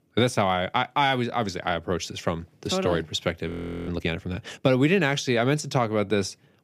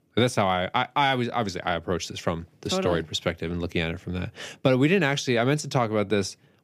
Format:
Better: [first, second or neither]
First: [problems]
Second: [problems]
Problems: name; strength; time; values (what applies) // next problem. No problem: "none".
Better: second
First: audio freezing; at 3.5 s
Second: none